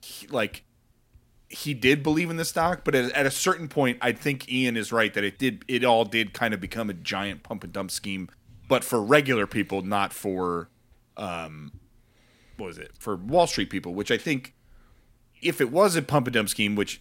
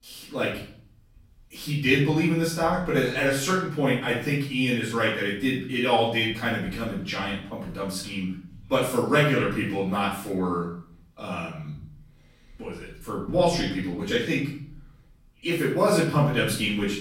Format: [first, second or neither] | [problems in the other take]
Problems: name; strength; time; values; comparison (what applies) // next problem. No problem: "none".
first | off-mic speech; far // room echo; noticeable; dies away in 0.6 s